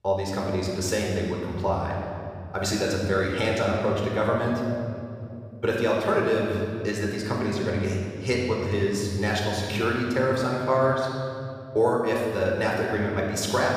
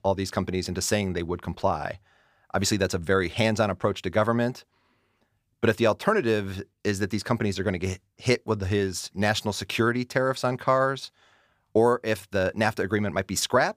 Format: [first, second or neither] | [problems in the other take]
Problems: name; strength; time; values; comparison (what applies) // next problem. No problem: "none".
second | off-mic speech; somewhat distant // room echo; noticeable; dies away in 2.5 s